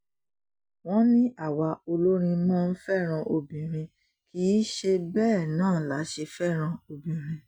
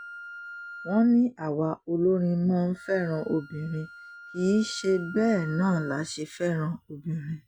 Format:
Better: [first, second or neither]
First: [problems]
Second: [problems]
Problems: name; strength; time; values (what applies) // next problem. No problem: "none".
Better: first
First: none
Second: background sound (Wind instrument, woodwind instrument); 18 dB below the speech